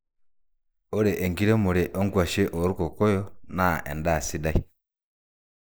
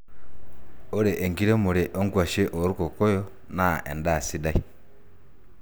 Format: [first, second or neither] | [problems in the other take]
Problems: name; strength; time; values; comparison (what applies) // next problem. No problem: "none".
second | noise reduction (neural mask model Resemble Enhance denoiser)